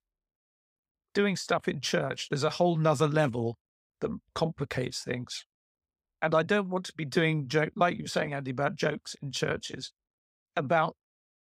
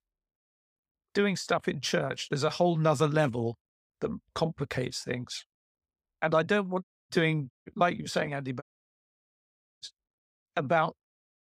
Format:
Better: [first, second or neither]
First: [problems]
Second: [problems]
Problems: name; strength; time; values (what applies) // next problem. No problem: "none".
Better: first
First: none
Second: audio cutting out; at 7 s, at 7.5 s and at 8.5 s for 1 s